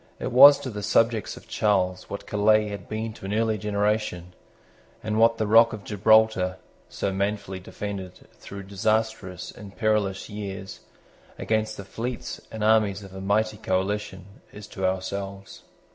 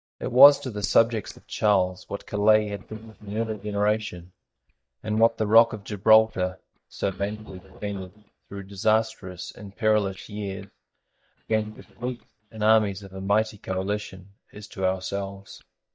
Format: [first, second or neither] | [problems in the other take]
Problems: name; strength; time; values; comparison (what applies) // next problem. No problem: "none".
first | noise reduction (neural mask model DeepFilterNet 3)